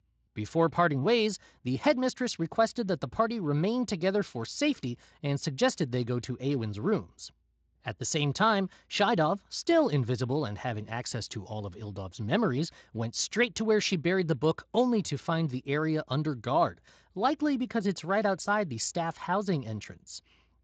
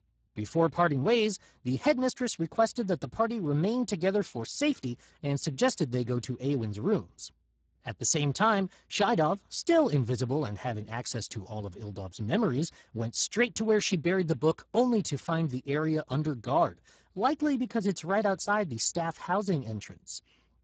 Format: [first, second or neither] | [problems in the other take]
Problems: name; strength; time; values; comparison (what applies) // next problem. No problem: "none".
first | garbled, watery; badly; nothing above 7.5 kHz; slightly in the first